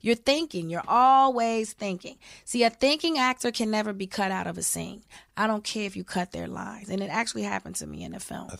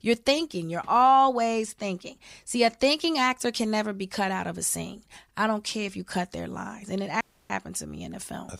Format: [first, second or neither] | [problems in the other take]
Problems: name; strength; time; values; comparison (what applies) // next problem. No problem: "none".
first | audio cutting out; at 7 s